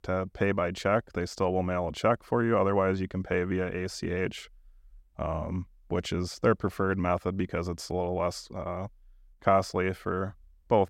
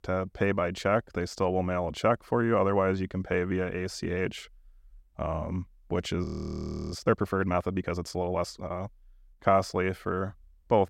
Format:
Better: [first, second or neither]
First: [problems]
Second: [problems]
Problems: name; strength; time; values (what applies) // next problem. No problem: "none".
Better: first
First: none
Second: audio freezing; at 6.5 s for 0.5 s